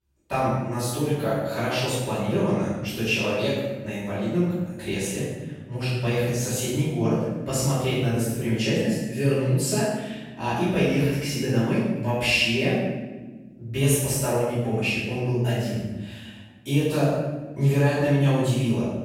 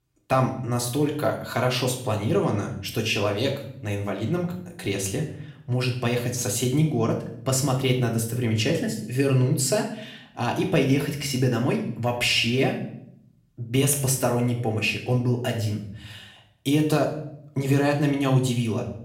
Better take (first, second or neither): second